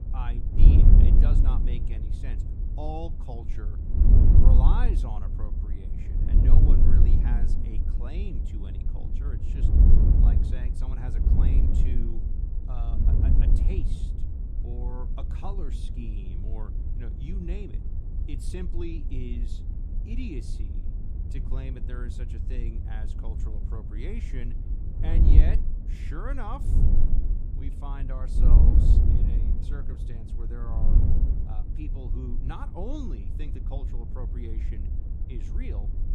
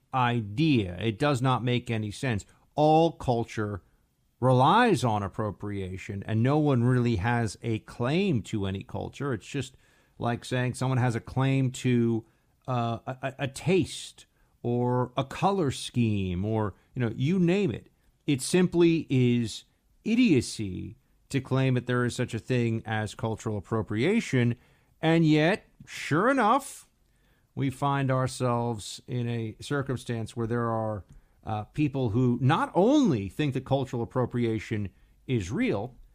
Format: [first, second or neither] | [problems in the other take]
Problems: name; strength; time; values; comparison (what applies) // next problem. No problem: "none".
second | wind noise on the microphone; heavy; 1 dB above the speech